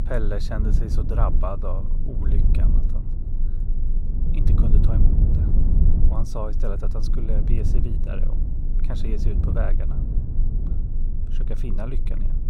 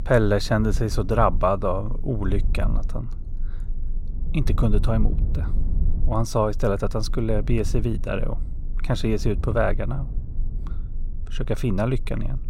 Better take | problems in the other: second | low rumble; loud; throughout; 4 dB below the speech; faint in the second

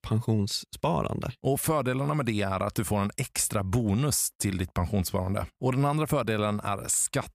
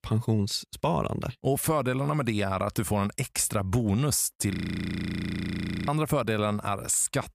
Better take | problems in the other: first | audio freezing; at 4.5 s for 1.5 s

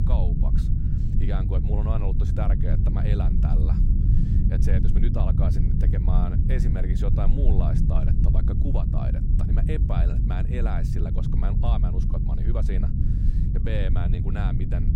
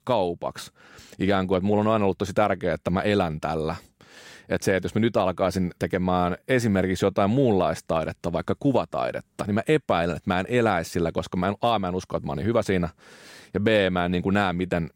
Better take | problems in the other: second | low rumble; loud; throughout; as loud as the speech

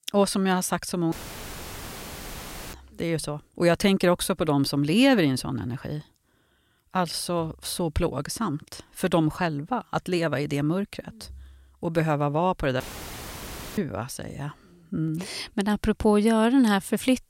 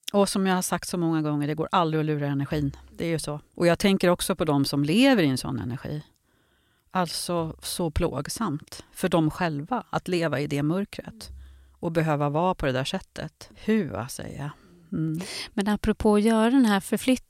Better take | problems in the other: second | audio cutting out; filled with static; at 1 s for 1.5 s and at 13 s for 1 s

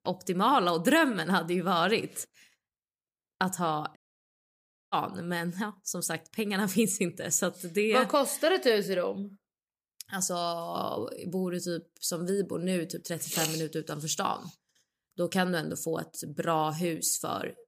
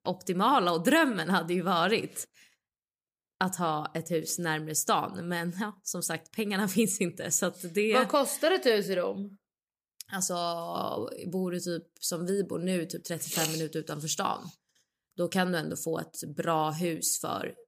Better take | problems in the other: second | audio cutting out; at 4 s for 1 s

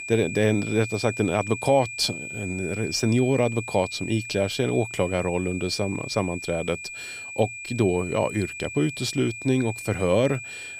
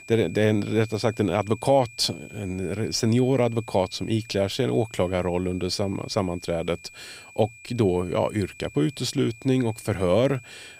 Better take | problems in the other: second | high-pitched whine; loud; throughout; 2.5 kHz, 9 dB below the speech; faint in the second

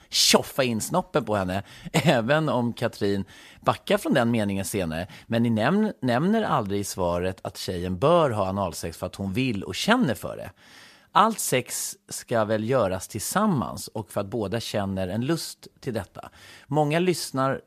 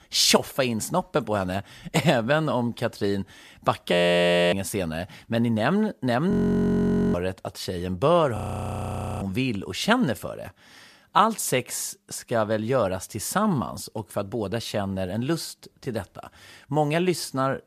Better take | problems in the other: first | audio freezing; at 4 s for 0.5 s, at 6.5 s for 1 s and at 8.5 s for 1 s

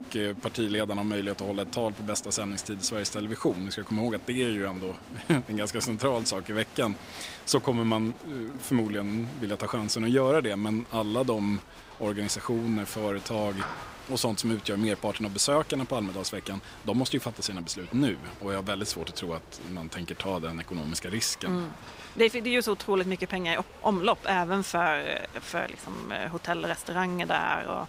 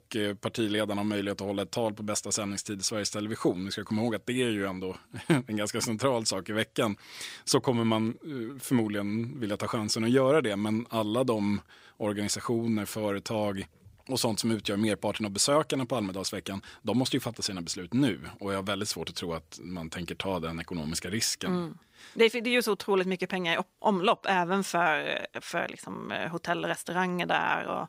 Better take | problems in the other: second | crowd noise; noticeable; throughout; 15 dB below the speech

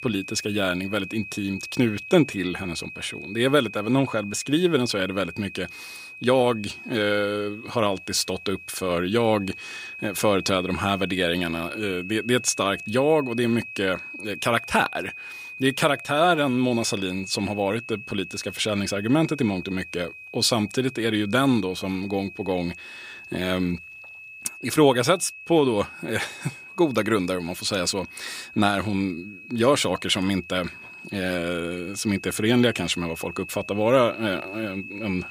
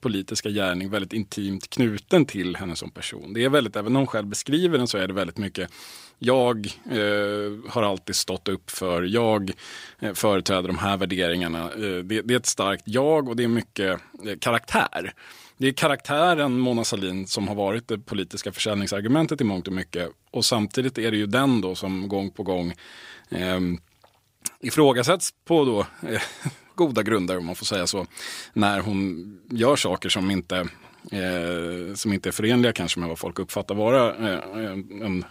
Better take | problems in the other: second | high-pitched whine; noticeable; throughout; 2.5 kHz, 15 dB below the speech

